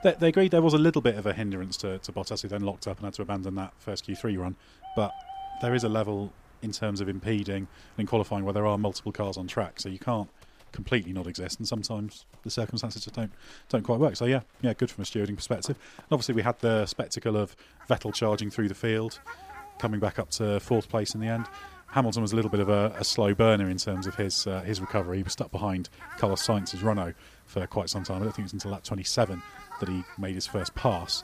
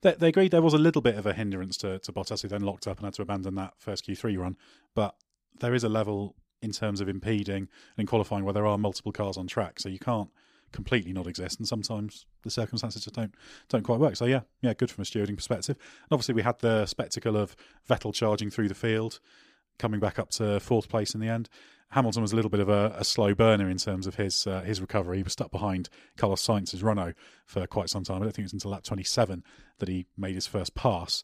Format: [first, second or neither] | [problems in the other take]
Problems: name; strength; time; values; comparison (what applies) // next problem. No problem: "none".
second | animal sounds; noticeable; throughout; 20 dB below the speech